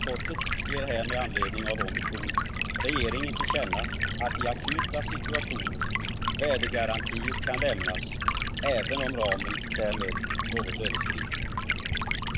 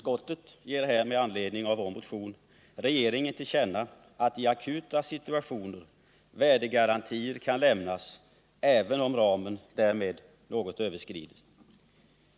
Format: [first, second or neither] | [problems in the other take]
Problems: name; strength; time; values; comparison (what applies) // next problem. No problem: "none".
second | background sound (Stream); 4 dB above the speech